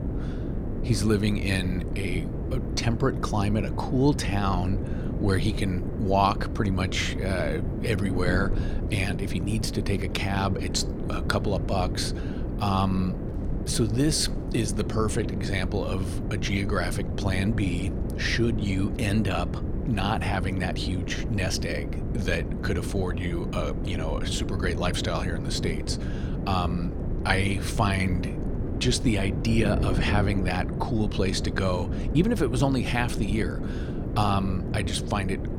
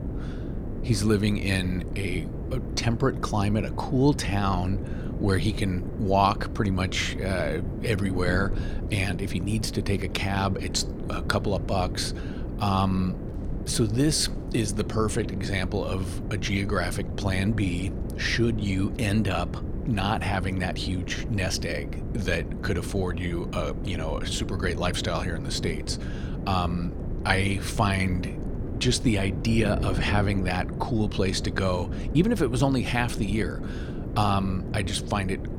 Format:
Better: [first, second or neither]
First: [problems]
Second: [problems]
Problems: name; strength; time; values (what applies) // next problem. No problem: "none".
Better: second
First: wind noise on the microphone; heavy; 9 dB below the speech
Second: wind noise on the microphone; occasional gusts; 10 dB below the speech